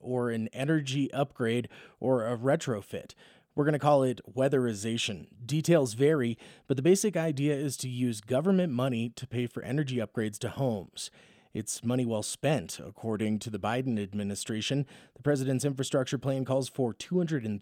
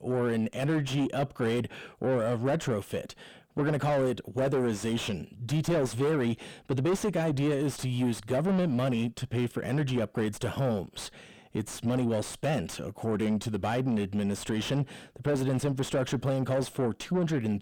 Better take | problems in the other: first | distortion; heavy; 6 dB below the speech

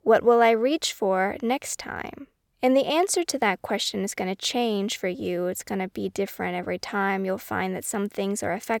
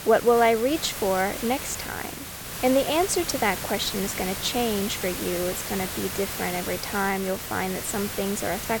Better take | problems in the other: first | hiss; loud; throughout; 6 dB below the speech

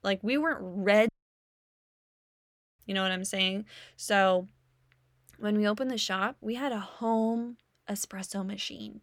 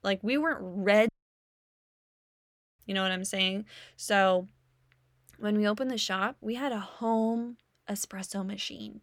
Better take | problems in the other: neither | audio cutting out; at 1 s for 1.5 s; the same in both

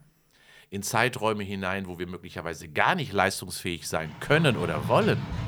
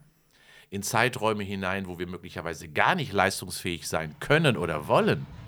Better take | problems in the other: second | animal sounds; loud; from 3.5 s on; 8 dB below the speech; faint in the second

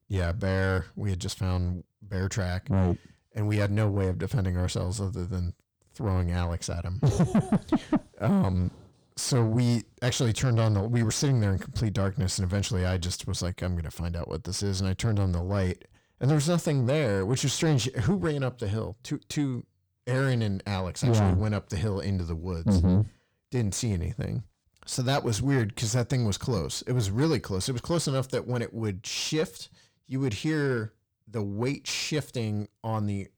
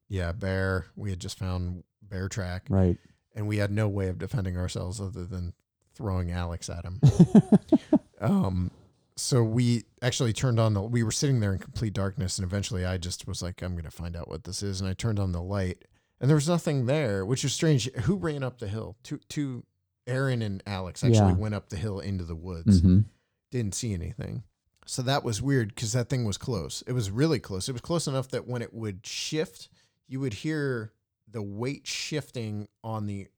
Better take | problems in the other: second | distortion; heavy; 8 dB below the speech

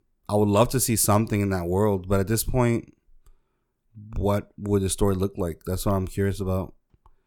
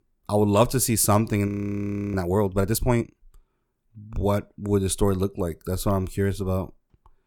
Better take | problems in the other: first | audio freezing; at 1.5 s for 0.5 s

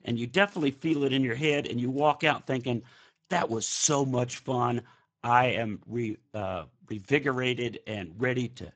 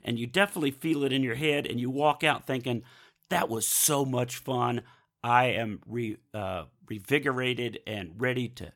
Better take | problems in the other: second | garbled, watery; badly; nothing above 7.5 kHz

